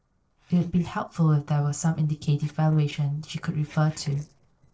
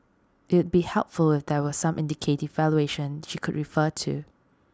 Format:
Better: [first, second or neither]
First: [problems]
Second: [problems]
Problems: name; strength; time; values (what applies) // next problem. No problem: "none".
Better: second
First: noise reduction (neural separator model SepFormer DNS4)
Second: none